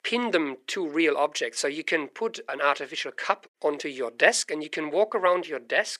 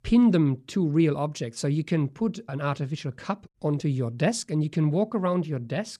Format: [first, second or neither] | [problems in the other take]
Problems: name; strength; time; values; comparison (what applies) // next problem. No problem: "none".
second | thin; very; fading below 400 Hz